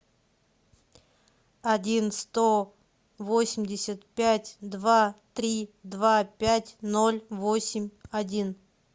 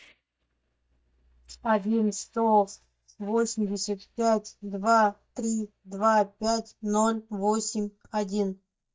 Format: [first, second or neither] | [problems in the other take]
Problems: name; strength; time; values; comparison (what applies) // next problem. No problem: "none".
first | noise reduction (neural mask model DeepFilterNet 3)